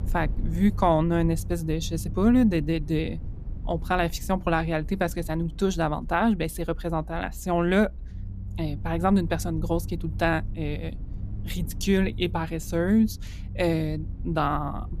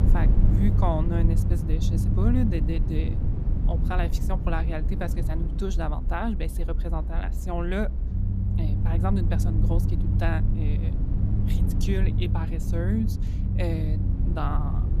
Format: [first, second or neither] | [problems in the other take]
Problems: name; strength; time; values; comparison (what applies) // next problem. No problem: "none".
first | low rumble; loud; throughout; 5 dB below the speech; faint in the first